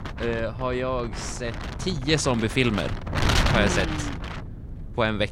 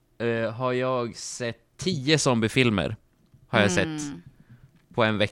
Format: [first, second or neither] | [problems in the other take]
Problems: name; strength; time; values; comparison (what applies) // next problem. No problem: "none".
second | wind noise on the microphone; heavy; 4 dB below the speech